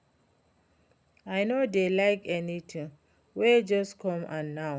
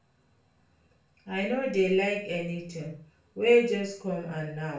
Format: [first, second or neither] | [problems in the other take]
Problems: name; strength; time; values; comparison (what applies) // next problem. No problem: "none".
first | room echo; dies away in 0.4 s